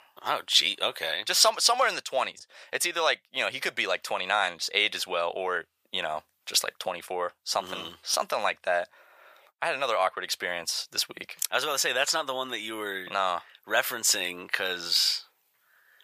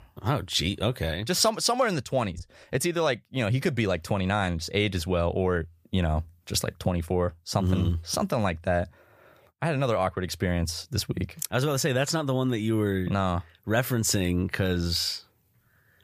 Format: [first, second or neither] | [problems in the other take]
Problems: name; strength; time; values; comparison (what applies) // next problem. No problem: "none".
second | thin; very; fading below 800 Hz